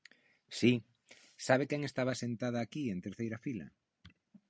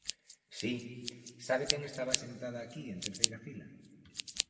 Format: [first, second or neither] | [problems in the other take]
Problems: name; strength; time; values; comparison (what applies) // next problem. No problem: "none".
first | background sound (Scissors); 1 dB above the speech // room echo; dies away in 1.8 s